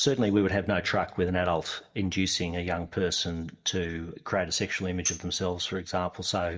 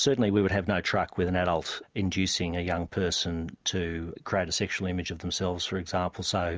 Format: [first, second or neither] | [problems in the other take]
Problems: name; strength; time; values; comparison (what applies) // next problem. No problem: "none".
second | noise reduction (neural mask model DeepFilterNet 3)